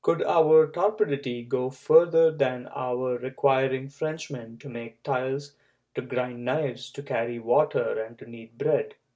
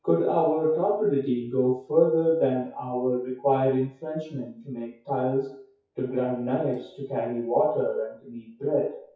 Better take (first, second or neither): first